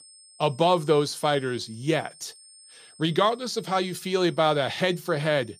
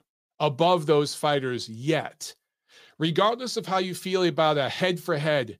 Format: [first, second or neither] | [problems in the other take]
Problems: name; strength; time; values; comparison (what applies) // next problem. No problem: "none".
second | high-pitched whine; faint; throughout; 8.5 kHz, 25 dB below the speech